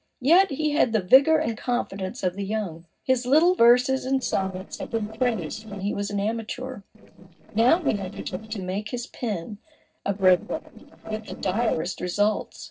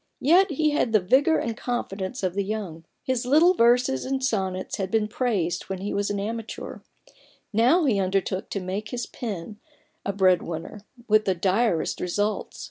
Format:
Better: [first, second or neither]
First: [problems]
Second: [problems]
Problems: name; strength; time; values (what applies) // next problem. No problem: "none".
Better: second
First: noise reduction (neural separator model SepFormer DNS4)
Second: none